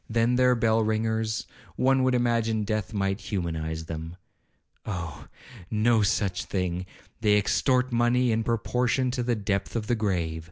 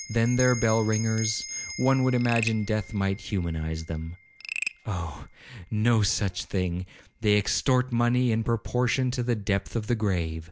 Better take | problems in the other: first | background sound (Frog + Bell); 14 dB below the speech

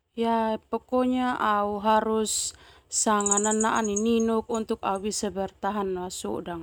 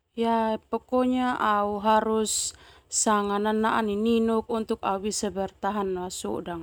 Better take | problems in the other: second | background sound (Bird vocalization, bird call, bird song); 8 dB below the speech

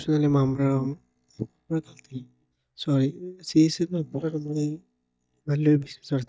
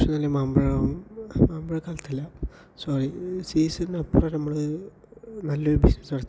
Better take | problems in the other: second | noise reduction (neural mask model DeepFilterNet 3)

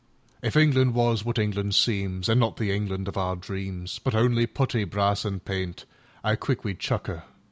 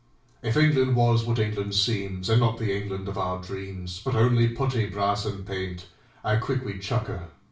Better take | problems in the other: first | room echo; dies away in 0.3 s

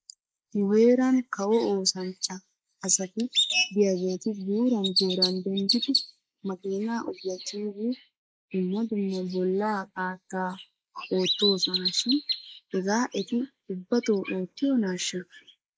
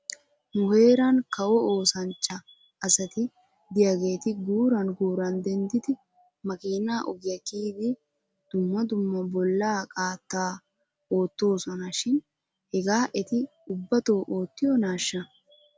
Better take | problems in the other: second | noise reduction (neural mask model Resemble Enhance denoiser)

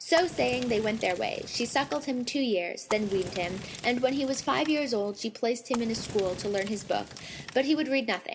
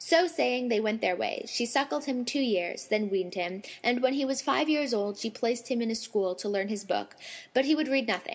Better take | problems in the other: second | background sound (Fire); 14 dB below the speech

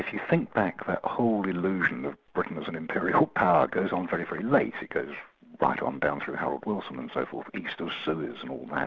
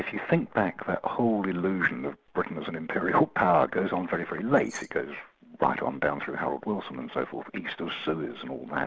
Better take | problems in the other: first | background sound (Keys jangling); 18 dB below the speech

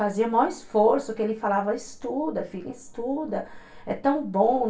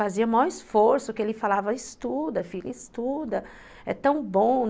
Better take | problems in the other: second | room echo; dies away in 0.3 s

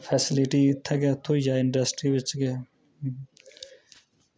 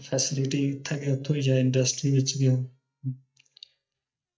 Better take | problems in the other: first | noise reduction (neural mask model DeepFilterNet 3)

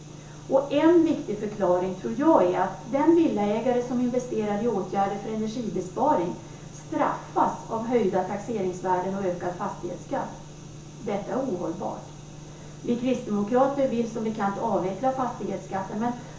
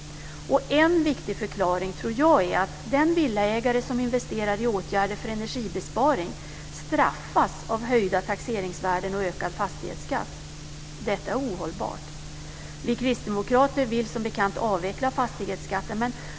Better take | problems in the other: second | room echo; dies away in 0.7 s

